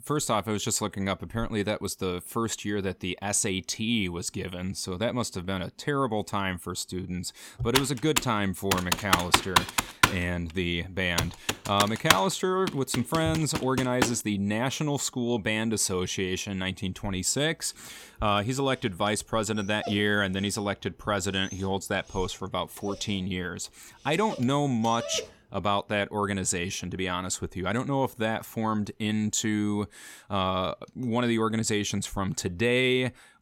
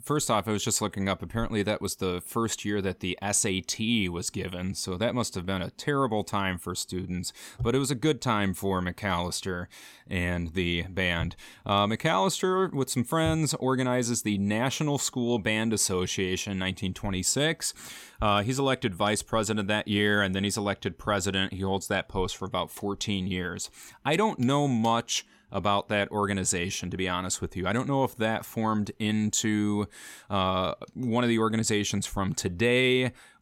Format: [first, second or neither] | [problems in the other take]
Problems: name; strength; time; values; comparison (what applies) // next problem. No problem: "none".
second | keyboard typing; loud; from 8 to 14 s; peak 6 dB above the speech // dog barking; noticeable; from 20 to 25 s; peak 8 dB below the speech